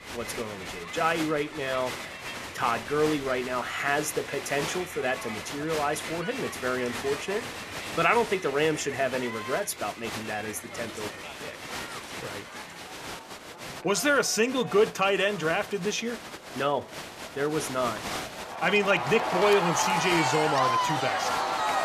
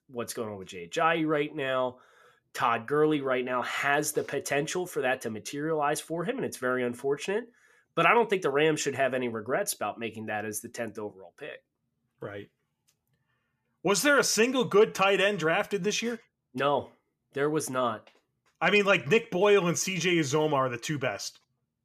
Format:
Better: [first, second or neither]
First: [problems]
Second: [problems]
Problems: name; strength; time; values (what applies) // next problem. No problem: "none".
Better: second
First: crowd noise; loud; throughout; 5 dB below the speech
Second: none